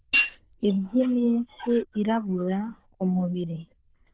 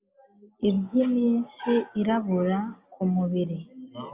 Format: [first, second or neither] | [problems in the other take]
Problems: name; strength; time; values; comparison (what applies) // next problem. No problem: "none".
second | noise reduction (neural diffusion model UNIVERSE++)